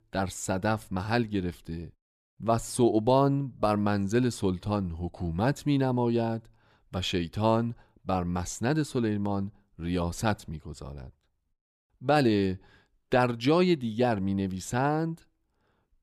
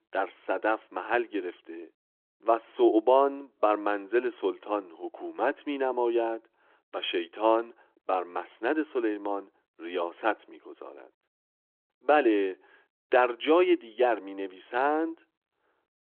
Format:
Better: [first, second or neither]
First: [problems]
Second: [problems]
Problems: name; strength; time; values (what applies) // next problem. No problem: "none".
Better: first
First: none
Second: phone-call audio; nothing above 3.5 kHz